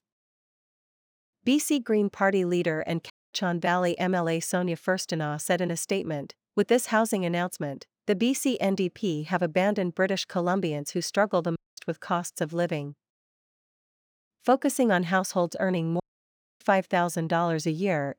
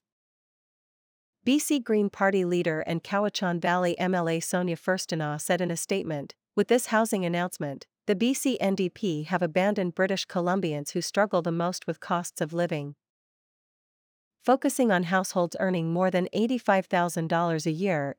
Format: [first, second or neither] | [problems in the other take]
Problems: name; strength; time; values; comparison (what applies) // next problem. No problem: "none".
second | audio cutting out; at 3 s, at 12 s and at 16 s for 0.5 s